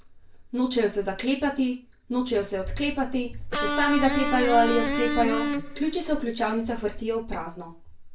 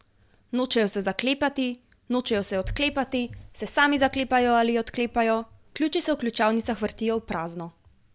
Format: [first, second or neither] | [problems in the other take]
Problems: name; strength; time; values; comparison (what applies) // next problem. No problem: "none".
second | background sound (Electric guitar); 2 dB below the speech // room echo; dies away in 0.3 s